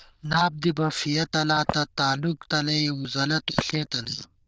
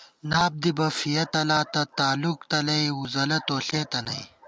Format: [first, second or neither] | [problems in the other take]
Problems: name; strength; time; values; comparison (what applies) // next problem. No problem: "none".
second | noise reduction (neural diffusion model UNIVERSE++)